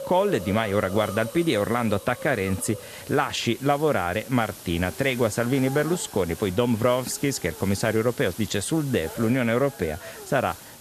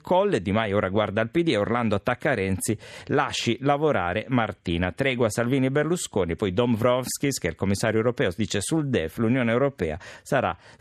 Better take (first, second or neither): second